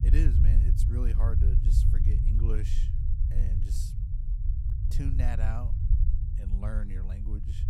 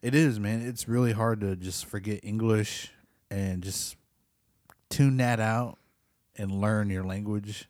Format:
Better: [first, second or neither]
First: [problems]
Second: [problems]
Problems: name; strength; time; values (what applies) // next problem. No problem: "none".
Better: second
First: low rumble; loud; throughout; 1 dB below the speech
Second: none